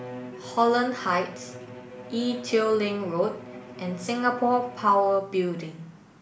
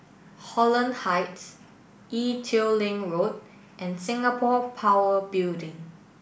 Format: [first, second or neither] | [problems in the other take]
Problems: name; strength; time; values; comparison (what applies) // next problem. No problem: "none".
second | background sound (Bowed string instrument); 16 dB below the speech